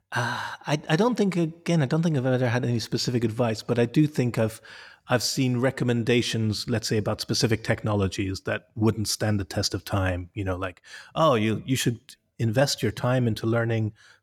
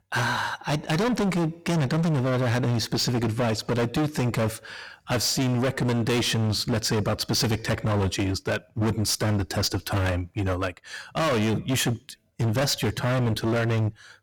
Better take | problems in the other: first | distortion; heavy; 27% of the sound clipped

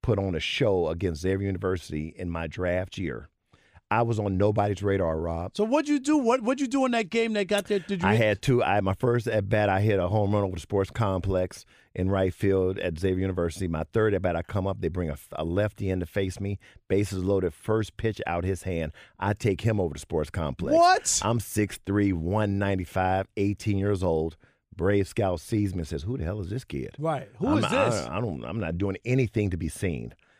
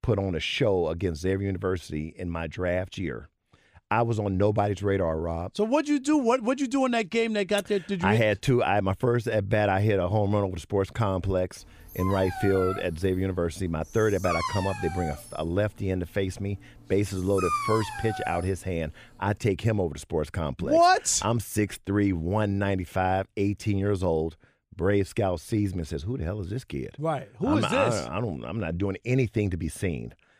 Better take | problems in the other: first | dog barking; noticeable; from 12 to 18 s; peak 1 dB below the speech

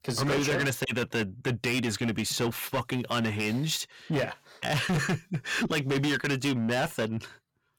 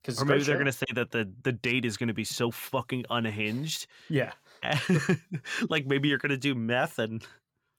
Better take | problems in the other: second | distortion; heavy; 16% of the sound clipped

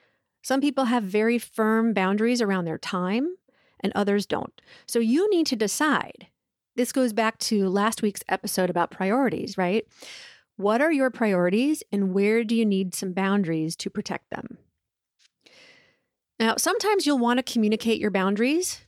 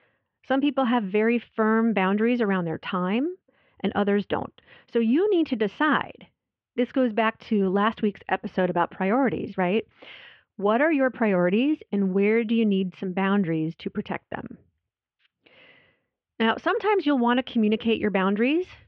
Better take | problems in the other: first | muffled; very; fading above 3 kHz

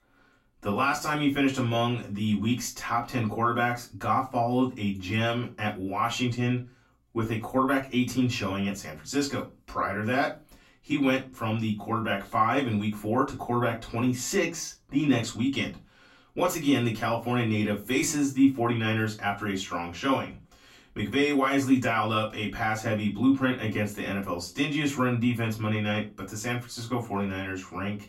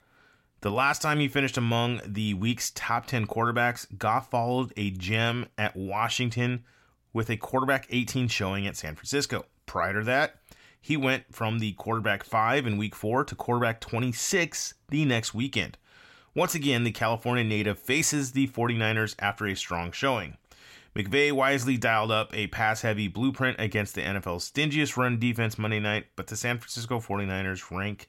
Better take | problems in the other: second | off-mic speech; far // room echo; very slight; dies away in 0.2 s

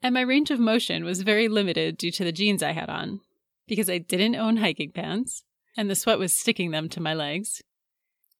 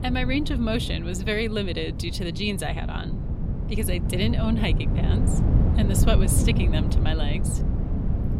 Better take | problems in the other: first | wind noise on the microphone; heavy; 7 dB below the speech

